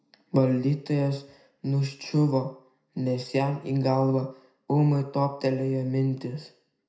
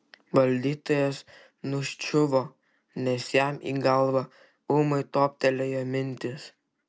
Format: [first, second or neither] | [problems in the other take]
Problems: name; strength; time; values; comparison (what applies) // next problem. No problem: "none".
second | room echo; dies away in 0.5 s